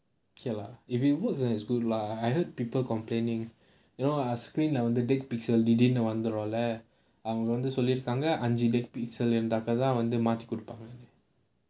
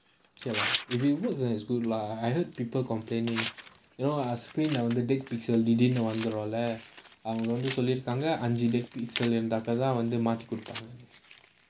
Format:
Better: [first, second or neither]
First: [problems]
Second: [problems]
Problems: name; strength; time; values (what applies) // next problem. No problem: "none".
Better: first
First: none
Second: background sound (Tearing); 13 dB below the speech